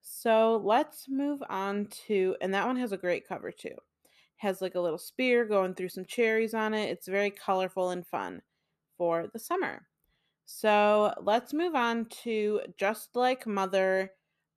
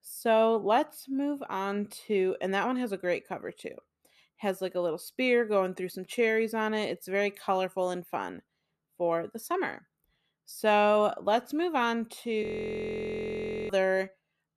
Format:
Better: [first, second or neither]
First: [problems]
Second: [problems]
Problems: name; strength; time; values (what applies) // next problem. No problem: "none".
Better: first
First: none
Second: audio freezing; at 12 s for 1.5 s